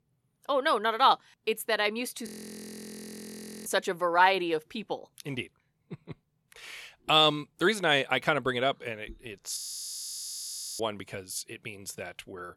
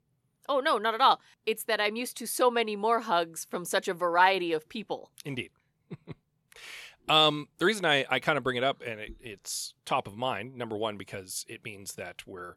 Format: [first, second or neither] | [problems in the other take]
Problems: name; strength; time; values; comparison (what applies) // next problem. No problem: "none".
second | audio freezing; at 2.5 s for 1.5 s and at 9.5 s for 1 s